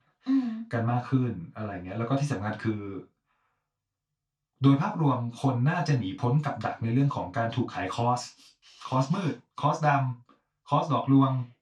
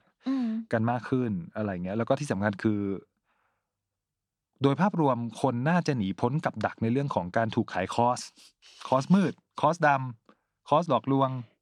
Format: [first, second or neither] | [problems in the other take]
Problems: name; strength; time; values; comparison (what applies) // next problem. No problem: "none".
second | room echo; very slight; dies away in 0.2 s // off-mic speech; far